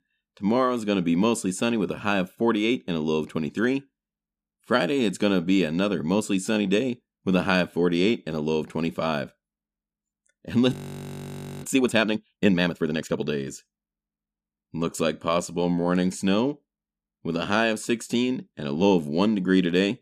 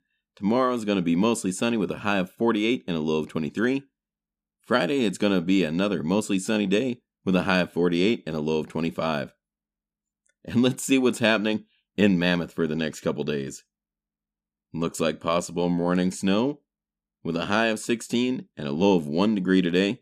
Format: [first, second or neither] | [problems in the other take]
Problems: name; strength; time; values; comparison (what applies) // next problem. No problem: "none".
second | audio freezing; at 11 s for 1 s